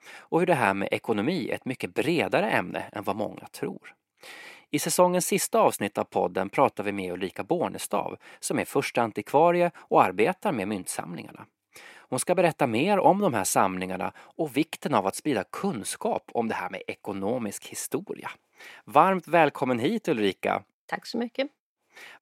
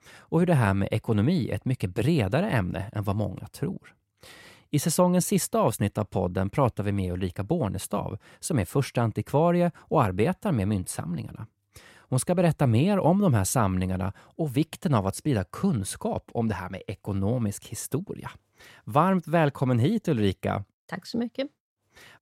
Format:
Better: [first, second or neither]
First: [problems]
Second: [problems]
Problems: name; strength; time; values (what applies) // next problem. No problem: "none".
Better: second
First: thin; somewhat; fading below 300 Hz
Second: none